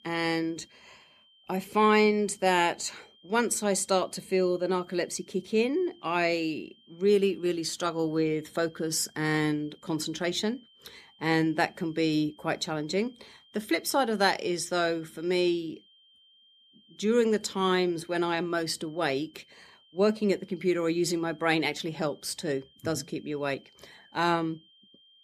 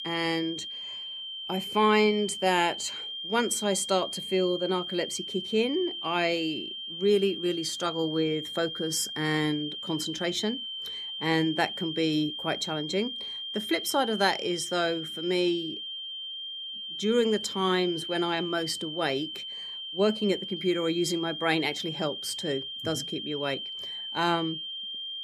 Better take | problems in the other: first | high-pitched whine; loud; throughout; 3 kHz, 6 dB below the speech; faint in the first

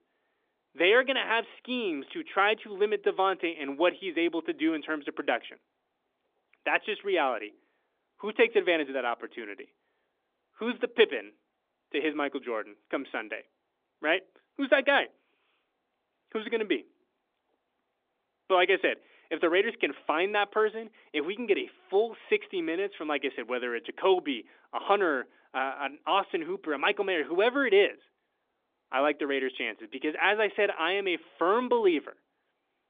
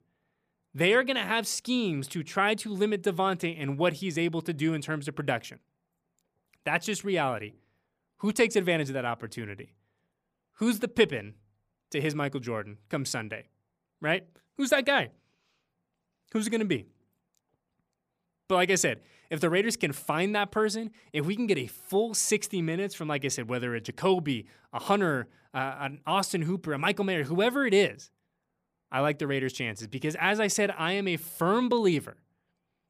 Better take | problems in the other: second | phone-call audio; nothing above 3.5 kHz

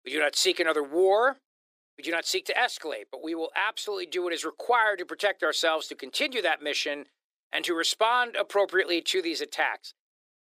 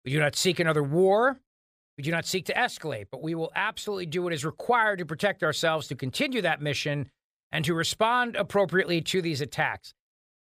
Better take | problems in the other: second | thin; very; fading below 300 Hz

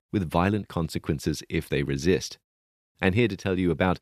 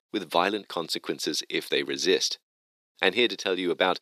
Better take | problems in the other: first | thin; somewhat; fading below 350 Hz

